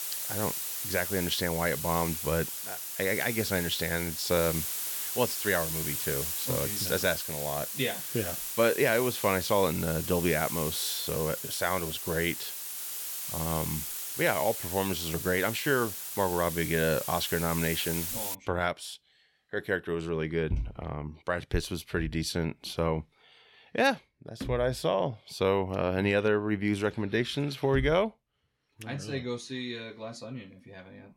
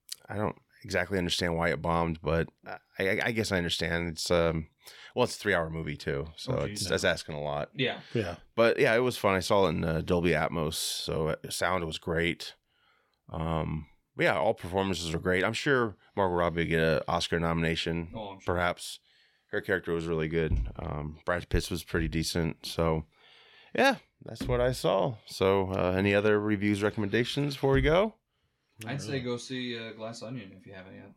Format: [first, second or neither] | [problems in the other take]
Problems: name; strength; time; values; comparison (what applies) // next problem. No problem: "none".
second | hiss; loud; until 18 s; 3 dB below the speech